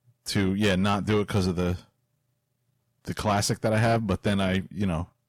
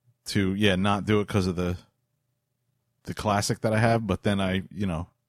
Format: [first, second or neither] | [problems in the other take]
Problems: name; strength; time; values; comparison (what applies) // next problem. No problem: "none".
second | distortion; slight; 10 dB below the speech